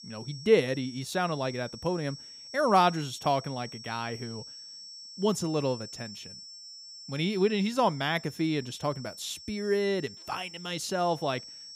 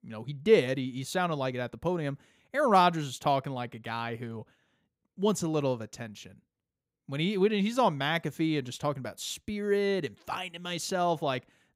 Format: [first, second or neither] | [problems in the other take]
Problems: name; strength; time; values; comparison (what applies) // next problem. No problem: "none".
second | high-pitched whine; noticeable; throughout; 5.5 kHz, 15 dB below the speech